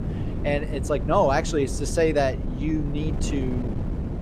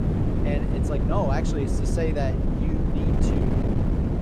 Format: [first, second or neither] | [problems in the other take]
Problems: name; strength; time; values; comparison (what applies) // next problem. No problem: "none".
first | wind noise on the microphone; heavy; as loud as the speech; occasional gusts in the first